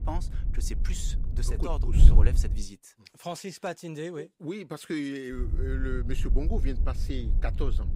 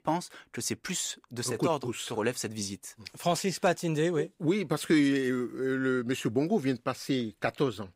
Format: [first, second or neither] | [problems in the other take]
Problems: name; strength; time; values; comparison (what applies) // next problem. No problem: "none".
second | wind noise on the microphone; heavy; until 2.5 s and from 5.5 s on; 8 dB below the speech